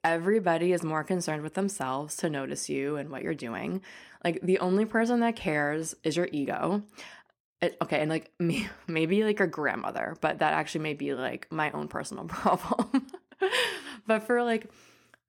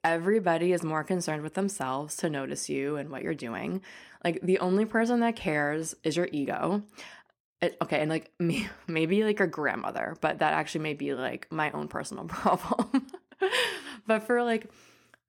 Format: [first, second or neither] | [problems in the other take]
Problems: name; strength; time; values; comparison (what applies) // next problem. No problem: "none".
neither | none